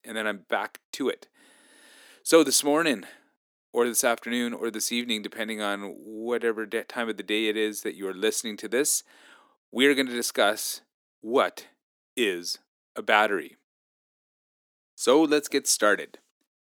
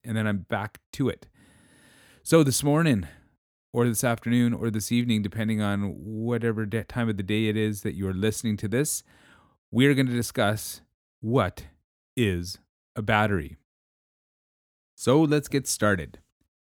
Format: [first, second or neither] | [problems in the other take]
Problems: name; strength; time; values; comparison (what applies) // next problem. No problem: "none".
second | thin; somewhat; fading below 300 Hz